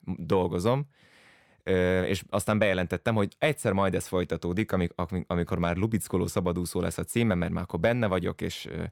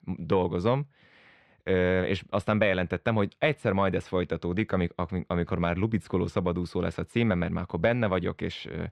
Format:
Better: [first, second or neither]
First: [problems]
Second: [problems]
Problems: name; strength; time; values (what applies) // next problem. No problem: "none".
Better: first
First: none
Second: muffled; slightly; fading above 3 kHz